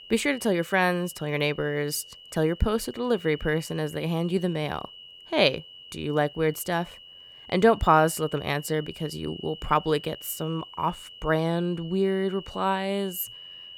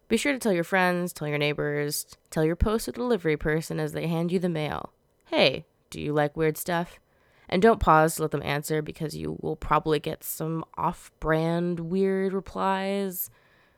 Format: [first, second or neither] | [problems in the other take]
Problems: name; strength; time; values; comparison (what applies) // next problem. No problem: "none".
second | high-pitched whine; noticeable; throughout; 3 kHz, 15 dB below the speech